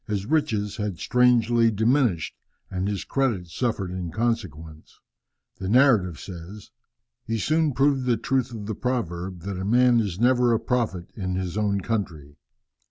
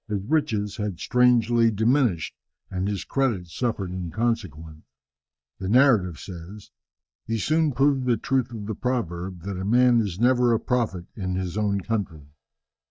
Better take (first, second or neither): first